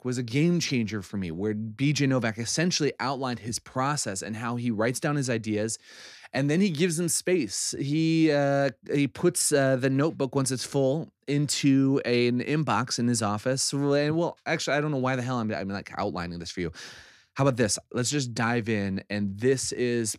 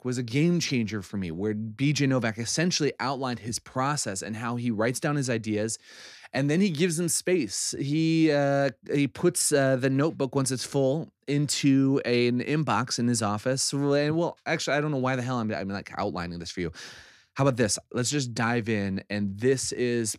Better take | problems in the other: neither | none

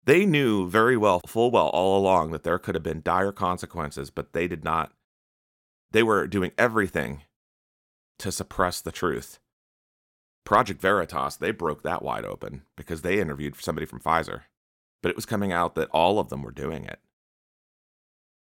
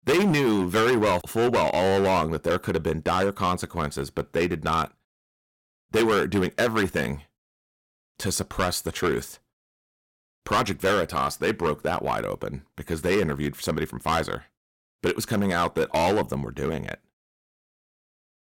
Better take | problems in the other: first | distortion; heavy; 8% of the sound clipped

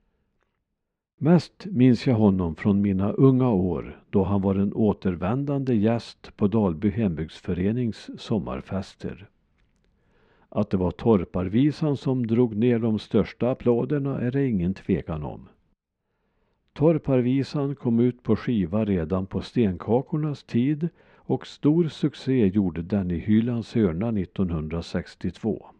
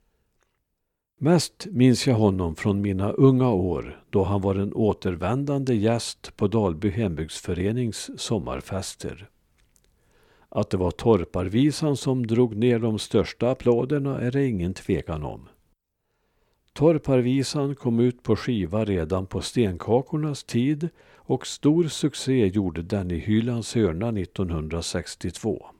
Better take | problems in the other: second | muffled; slightly; fading above 3 kHz

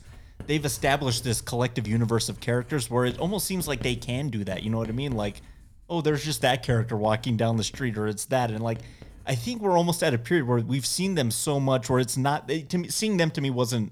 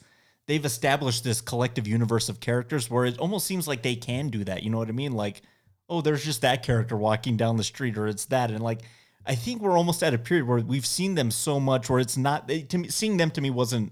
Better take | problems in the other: second | household noises; faint; throughout; 20 dB below the speech

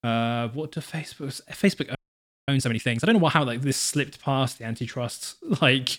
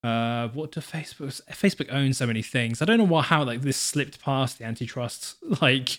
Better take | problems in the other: second | audio freezing; at 2 s for 0.5 s

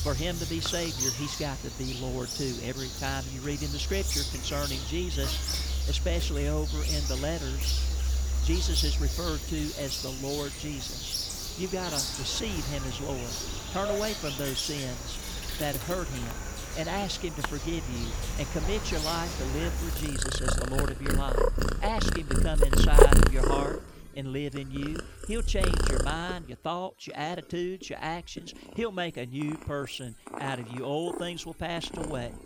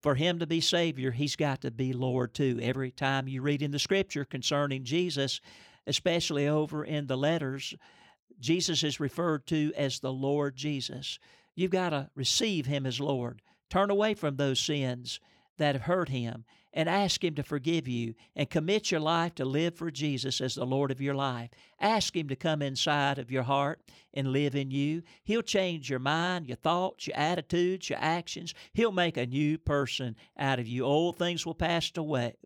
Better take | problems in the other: second | animal sounds; very loud; throughout; 3 dB above the speech

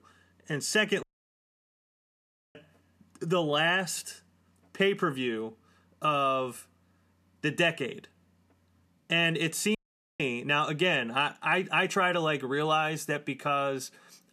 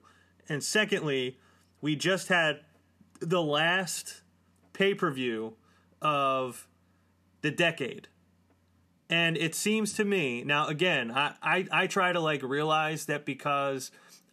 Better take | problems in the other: second | audio cutting out; at 1 s for 1.5 s and at 10 s

